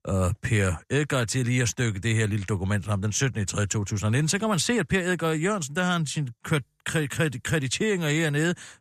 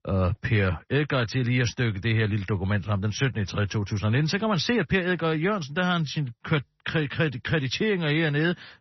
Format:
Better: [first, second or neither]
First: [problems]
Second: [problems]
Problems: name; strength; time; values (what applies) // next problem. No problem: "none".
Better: first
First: none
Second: garbled, watery; slightly; nothing above 6 kHz